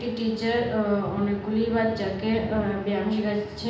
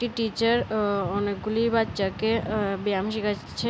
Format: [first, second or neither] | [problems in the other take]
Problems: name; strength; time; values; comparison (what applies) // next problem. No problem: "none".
second | room echo; dies away in 0.8 s